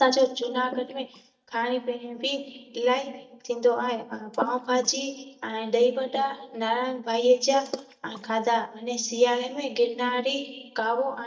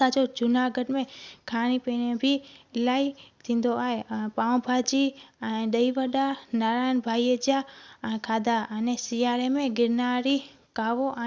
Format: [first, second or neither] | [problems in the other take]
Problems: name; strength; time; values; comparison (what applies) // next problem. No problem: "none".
second | noise reduction (neural mask model DeepFilterNet 3)